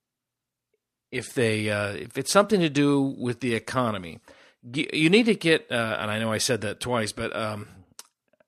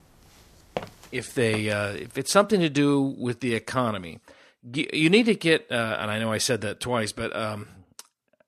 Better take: first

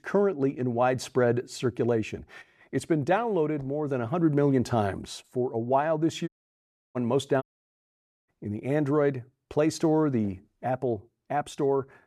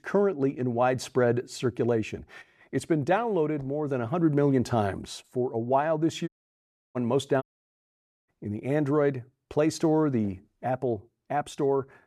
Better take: neither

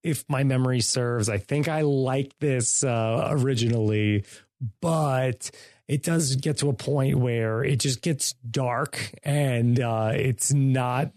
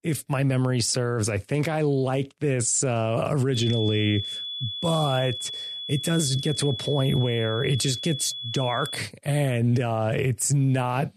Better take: first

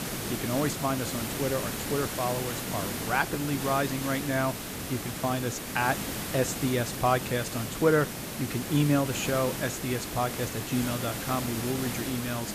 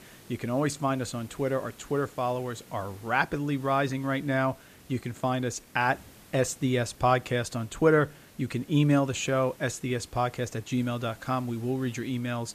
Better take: second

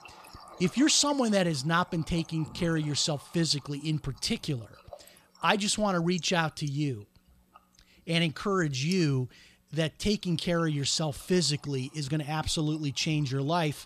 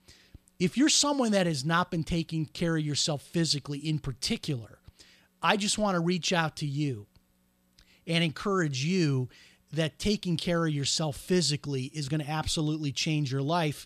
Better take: second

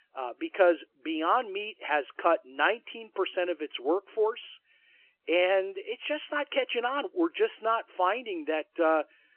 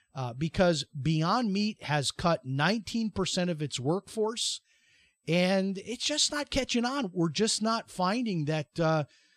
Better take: second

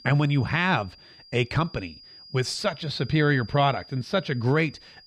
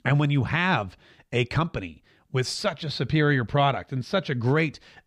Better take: second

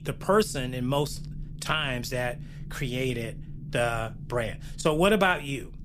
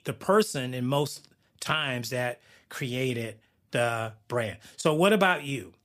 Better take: second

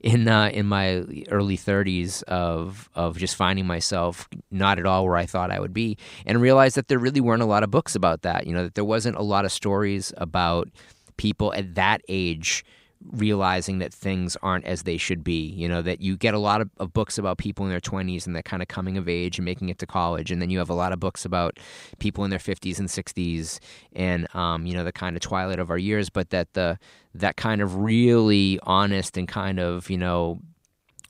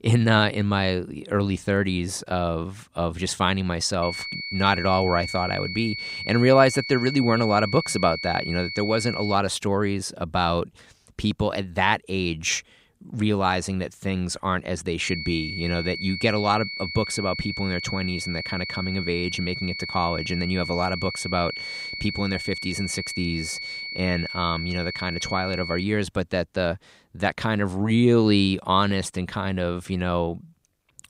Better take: first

